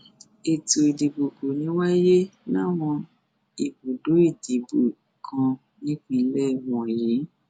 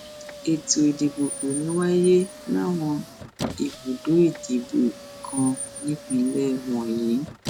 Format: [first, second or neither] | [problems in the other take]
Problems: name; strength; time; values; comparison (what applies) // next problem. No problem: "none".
first | background sound (Squeak); 13 dB below the speech